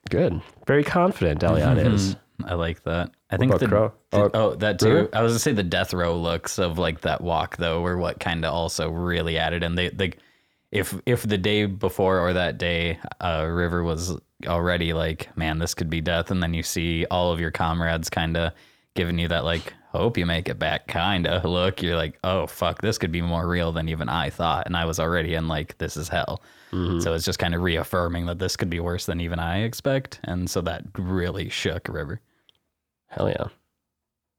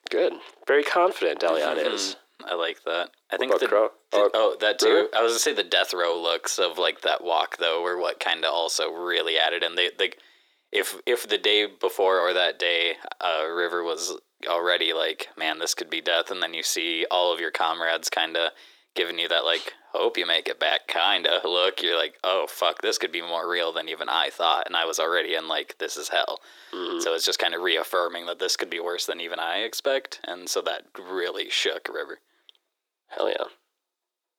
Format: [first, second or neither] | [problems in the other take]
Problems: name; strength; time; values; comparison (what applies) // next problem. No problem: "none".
first | thin; very; fading below 350 Hz